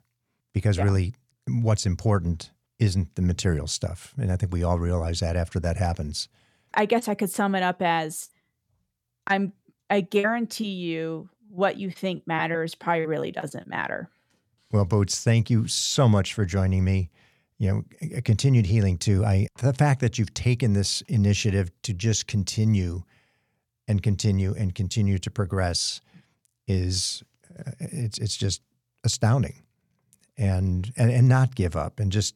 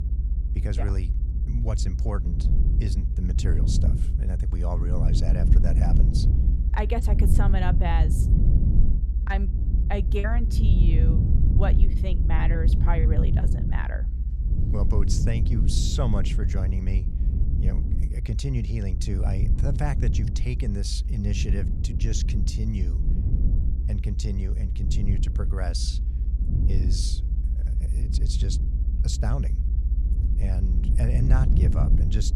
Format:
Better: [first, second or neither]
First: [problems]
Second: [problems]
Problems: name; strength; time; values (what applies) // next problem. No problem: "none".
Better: first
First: none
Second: low rumble; loud; throughout; 4 dB below the speech